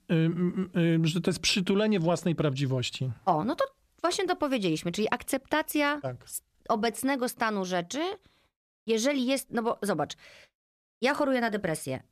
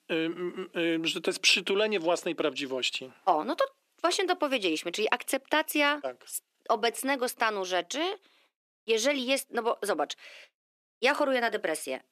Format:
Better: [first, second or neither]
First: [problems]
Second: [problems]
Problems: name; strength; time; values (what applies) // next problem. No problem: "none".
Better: first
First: none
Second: thin; somewhat; fading below 300 Hz